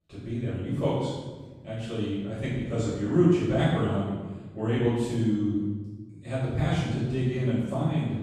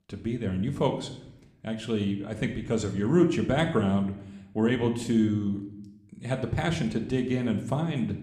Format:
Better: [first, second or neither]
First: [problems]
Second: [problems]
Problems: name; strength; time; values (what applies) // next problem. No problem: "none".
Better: second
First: room echo; strong; dies away in 1.1 s // off-mic speech; far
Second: room echo; slight; dies away in 0.6 s